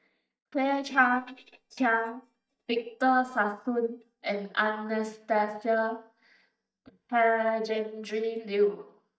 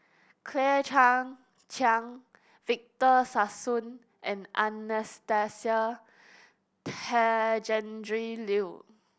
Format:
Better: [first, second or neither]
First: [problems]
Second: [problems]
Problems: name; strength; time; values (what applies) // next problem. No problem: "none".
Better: second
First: noise reduction (neural mask model DeepFilterNet 3)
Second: none